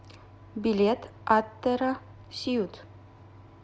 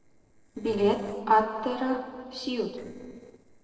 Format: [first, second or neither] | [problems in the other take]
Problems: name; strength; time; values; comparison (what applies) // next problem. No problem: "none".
first | noise reduction (neural separator model SepFormer DNS4)